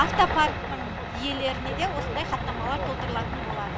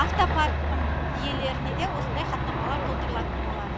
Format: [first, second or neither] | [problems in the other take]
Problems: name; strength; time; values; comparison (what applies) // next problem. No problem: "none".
first | background sound (Aircraft); as loud as the speech